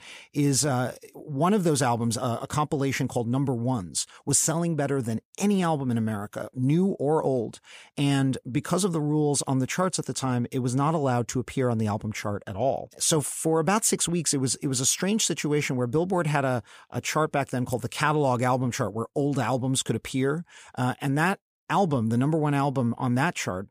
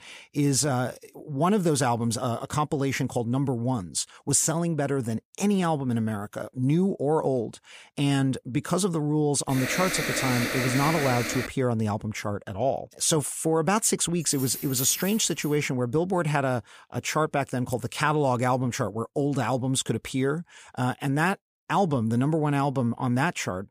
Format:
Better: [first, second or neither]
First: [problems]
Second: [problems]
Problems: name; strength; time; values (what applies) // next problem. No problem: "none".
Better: first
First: none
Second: alarm; noticeable; from 9.5 to 11 s; peak 1 dB below the speech // jangling keys; noticeable; from 14 to 16 s; peak 5 dB below the speech